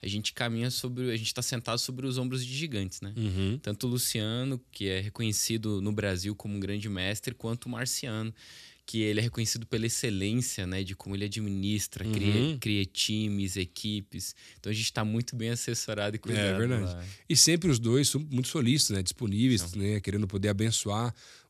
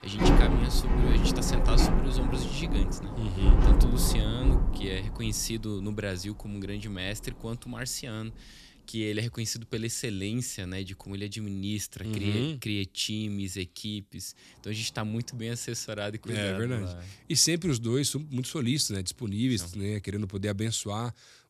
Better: first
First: none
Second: rain or running water; very loud; throughout; 4 dB above the speech

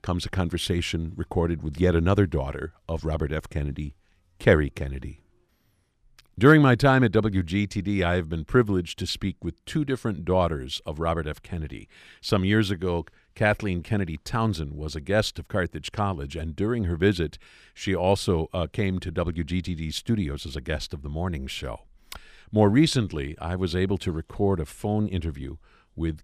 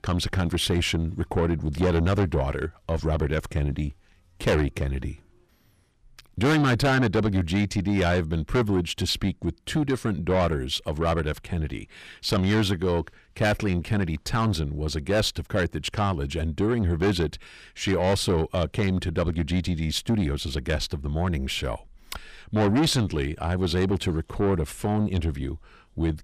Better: first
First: none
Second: distortion; heavy; 6 dB below the speech

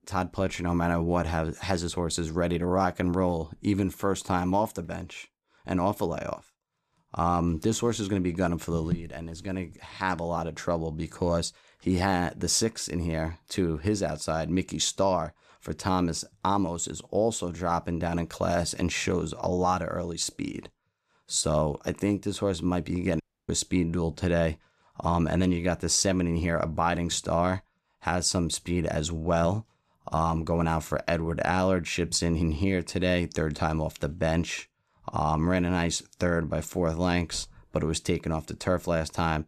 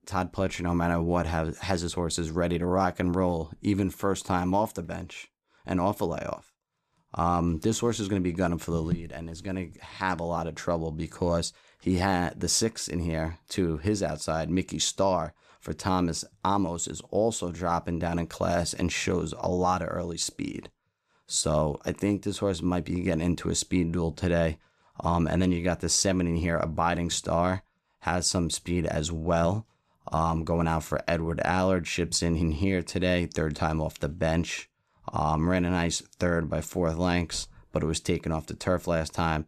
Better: second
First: audio cutting out; at 23 s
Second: none

